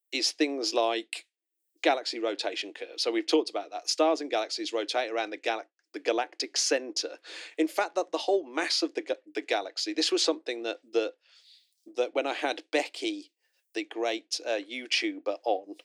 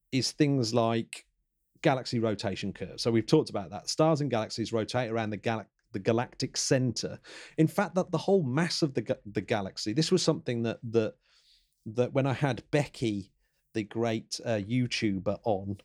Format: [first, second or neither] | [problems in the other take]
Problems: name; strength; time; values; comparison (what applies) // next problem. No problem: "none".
second | thin; somewhat; fading below 300 Hz